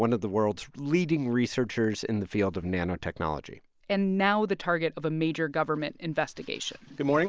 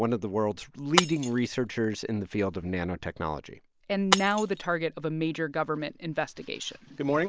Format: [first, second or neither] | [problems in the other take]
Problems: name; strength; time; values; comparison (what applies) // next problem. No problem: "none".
first | background sound (Shatter); 6 dB below the speech